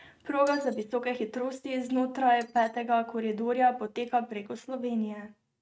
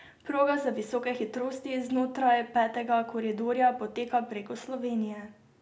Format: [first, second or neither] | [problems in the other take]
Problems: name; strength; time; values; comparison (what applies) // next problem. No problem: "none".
second | noise reduction (neural mask model RNNoise)